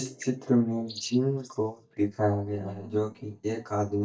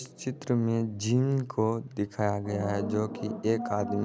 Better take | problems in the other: second | noise reduction (neural mask model DeepFilterNet 3)

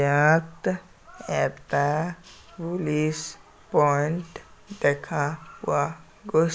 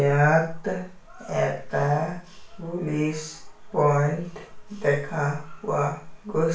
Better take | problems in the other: first | room echo; dies away in 0.4 s

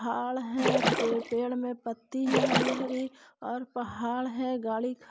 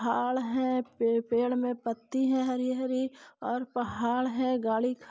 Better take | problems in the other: second | background sound (Splash, splatter); 2 dB above the speech

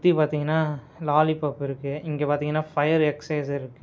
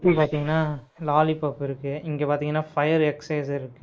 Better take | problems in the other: first | noise reduction (neural mask model Resemble Enhance denoiser)

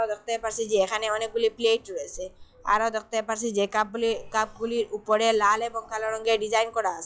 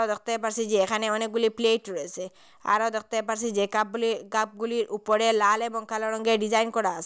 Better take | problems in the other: second | noise reduction (classical method log-MMSE)

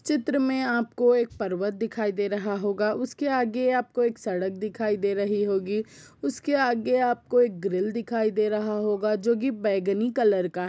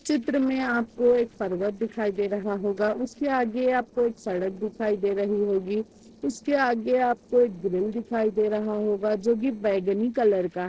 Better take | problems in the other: first | noise reduction (neural separator model SepFormer DNS4)

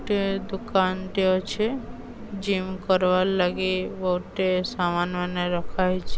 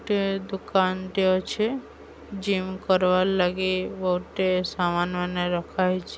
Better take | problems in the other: second | background sound (Wind); 8 dB below the speech

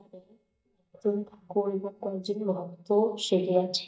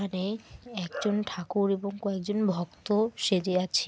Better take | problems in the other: second | noise reduction (neural mask model DeepFilterNet 3)

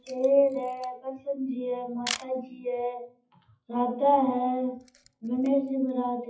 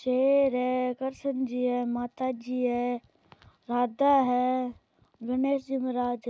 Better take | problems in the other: second | noise reduction (classical method WPE with log-MMSE)

